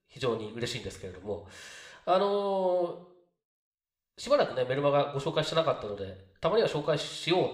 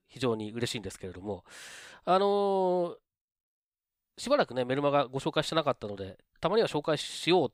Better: second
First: room echo; very slight; dies away in 0.6 s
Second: none

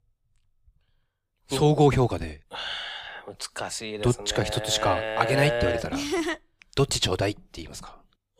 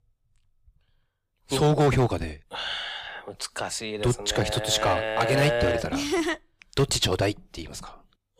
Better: first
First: none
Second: distortion; slight; 3% of the sound clipped

